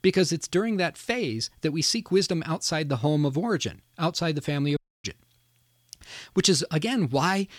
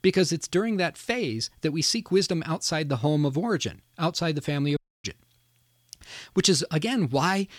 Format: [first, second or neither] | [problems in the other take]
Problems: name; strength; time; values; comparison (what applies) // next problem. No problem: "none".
neither | audio cutting out; at 5 s; the same in both